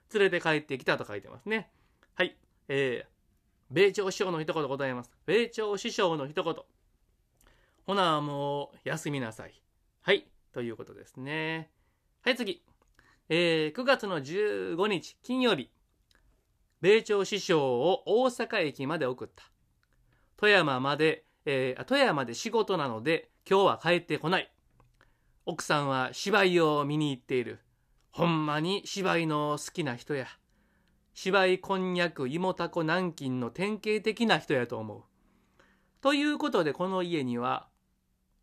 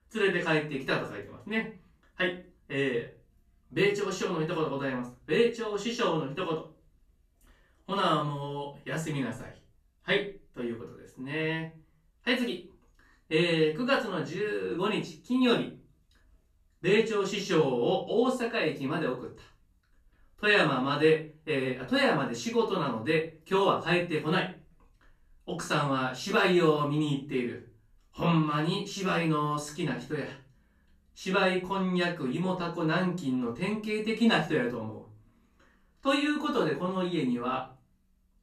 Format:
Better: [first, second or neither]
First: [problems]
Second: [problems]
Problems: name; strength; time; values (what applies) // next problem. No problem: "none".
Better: first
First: none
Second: off-mic speech; far // room echo; slight; dies away in 0.3 s